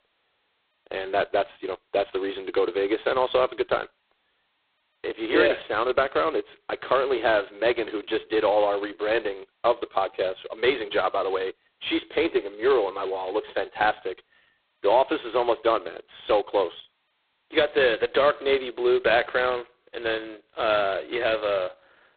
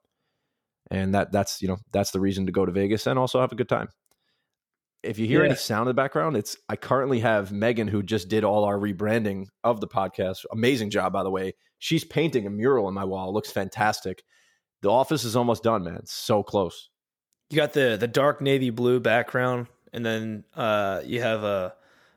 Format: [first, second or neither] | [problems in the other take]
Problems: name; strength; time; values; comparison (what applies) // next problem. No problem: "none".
second | phone-call audio; poor line; nothing above 4 kHz